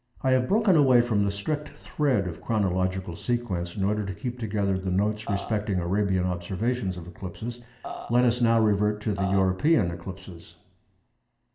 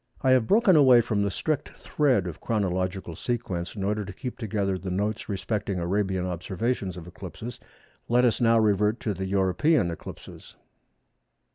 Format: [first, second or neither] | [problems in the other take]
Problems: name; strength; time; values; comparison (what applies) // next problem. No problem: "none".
second | background sound (Burping, eructation); 10 dB below the speech // room echo; dies away in 0.9 s